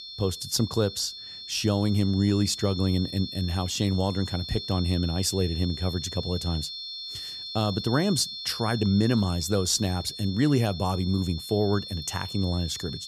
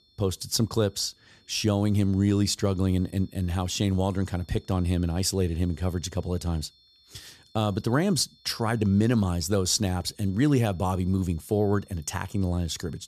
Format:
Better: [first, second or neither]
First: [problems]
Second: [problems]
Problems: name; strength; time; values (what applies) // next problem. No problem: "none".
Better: second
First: high-pitched whine; loud; throughout; 4.5 kHz, 9 dB below the speech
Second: high-pitched whine; faint; throughout; 4.5 kHz, 30 dB below the speech